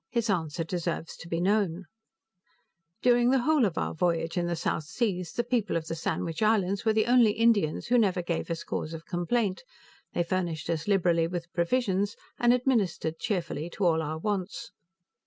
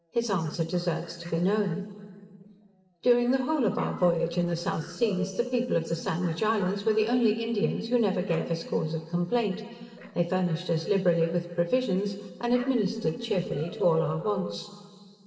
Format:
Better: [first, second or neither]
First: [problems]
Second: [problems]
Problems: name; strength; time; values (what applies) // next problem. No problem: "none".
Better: first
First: none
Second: noise reduction (neural separator model SepFormer DNS4)